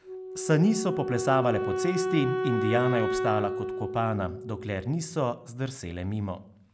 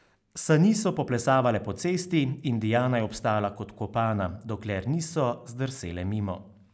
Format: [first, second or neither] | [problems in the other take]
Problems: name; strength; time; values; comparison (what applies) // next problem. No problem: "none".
second | background sound (Wind instrument, woodwind instrument); 4 dB below the speech